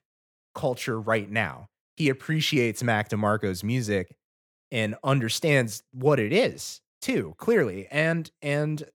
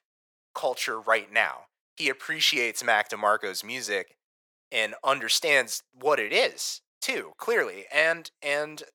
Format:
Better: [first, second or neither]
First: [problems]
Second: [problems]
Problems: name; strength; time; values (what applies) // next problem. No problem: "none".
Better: first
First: none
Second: thin; very; fading below 750 Hz